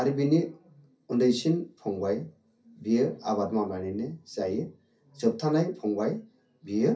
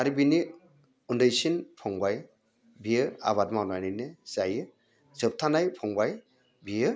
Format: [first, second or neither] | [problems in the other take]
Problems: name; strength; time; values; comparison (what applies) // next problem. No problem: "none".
second | room echo; dies away in 0.3 s